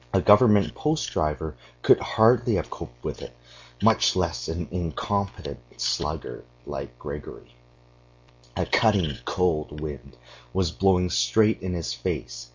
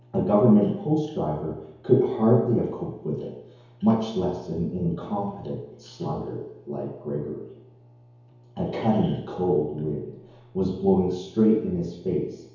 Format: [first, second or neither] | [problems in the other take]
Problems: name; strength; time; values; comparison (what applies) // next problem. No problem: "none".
first | room echo; dies away in 1 s